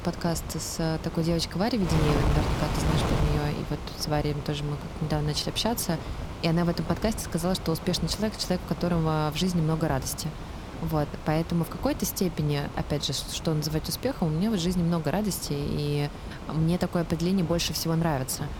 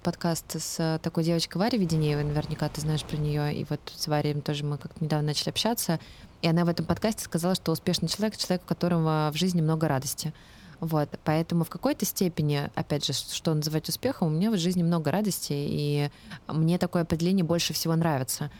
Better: second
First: wind noise on the microphone; heavy; 7 dB below the speech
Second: wind noise on the microphone; occasional gusts; 25 dB below the speech

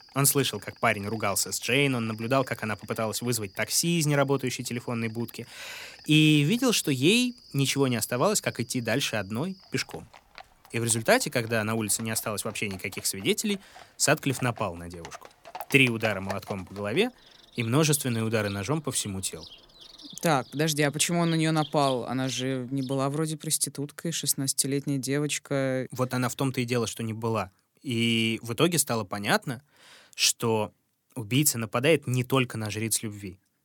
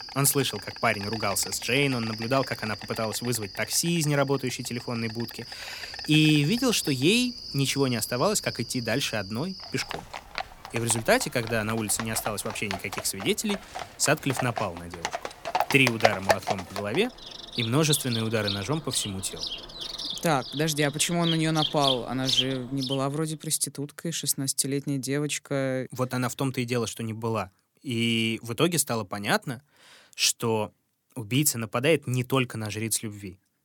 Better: first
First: animal sounds; faint; until 23 s; 20 dB below the speech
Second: animal sounds; loud; until 23 s; 7 dB below the speech

